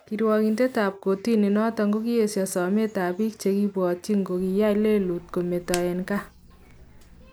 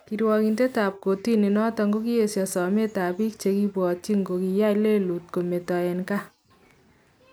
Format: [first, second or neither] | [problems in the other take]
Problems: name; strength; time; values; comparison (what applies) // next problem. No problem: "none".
second | background sound (Hands); 19 dB below the speech